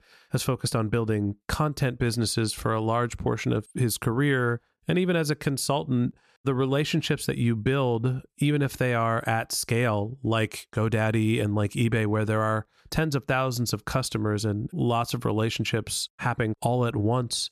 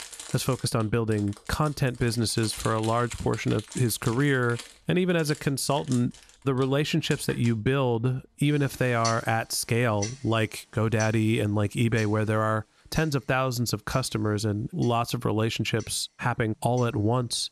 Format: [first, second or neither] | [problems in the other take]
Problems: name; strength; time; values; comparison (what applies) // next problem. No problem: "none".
first | household noises; noticeable; throughout; 15 dB below the speech